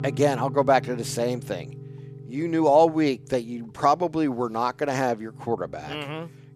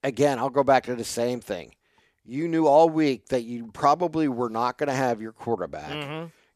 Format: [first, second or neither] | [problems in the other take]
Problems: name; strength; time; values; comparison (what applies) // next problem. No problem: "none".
second | background music; noticeable; throughout; 15 dB below the speech